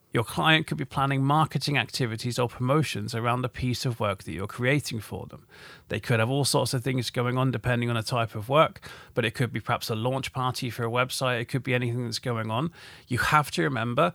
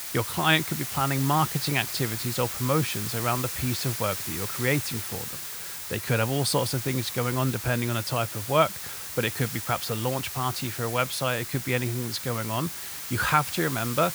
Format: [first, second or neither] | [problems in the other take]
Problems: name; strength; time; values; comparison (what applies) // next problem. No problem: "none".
first | hiss; loud; throughout; 5 dB below the speech